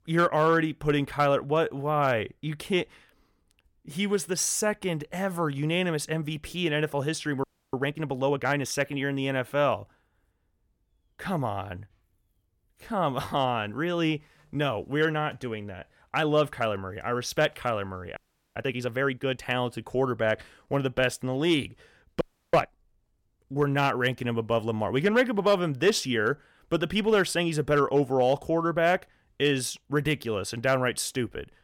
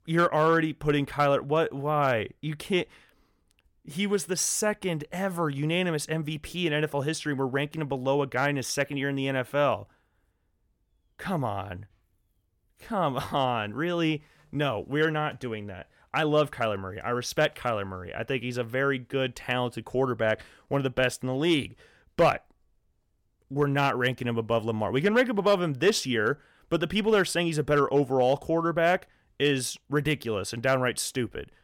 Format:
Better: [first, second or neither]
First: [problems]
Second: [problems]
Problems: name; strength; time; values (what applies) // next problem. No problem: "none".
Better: second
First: audio freezing; at 7.5 s, at 18 s and at 22 s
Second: none